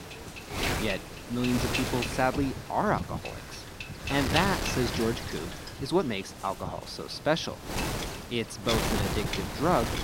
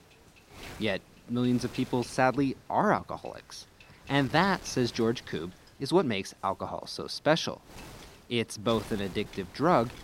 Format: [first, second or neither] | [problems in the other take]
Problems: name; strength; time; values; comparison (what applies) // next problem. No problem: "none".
second | wind noise on the microphone; heavy; 3 dB below the speech; occasional gusts in the second